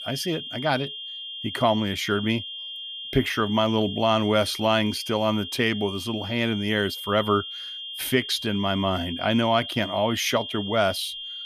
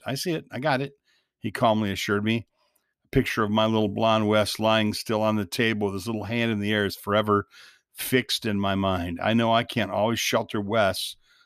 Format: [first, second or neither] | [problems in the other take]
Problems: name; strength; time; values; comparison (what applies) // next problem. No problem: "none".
second | high-pitched whine; loud; throughout; 3 kHz, 8 dB below the speech